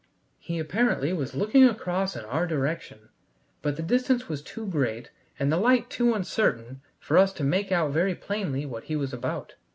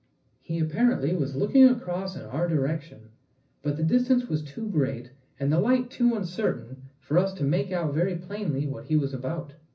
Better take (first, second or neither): first